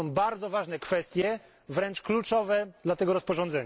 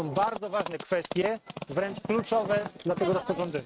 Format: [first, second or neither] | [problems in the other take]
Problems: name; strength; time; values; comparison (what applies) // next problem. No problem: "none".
first | noise reduction (neural mask model RNNoise)